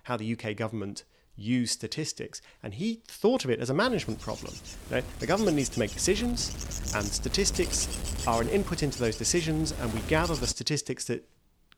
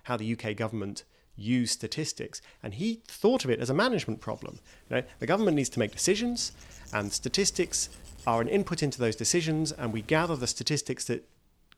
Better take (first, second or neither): second